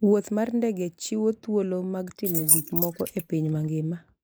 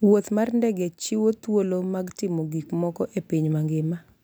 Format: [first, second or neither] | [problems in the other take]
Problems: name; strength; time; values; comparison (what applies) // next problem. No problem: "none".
second | noise reduction (neural mask model Resemble Enhance denoiser)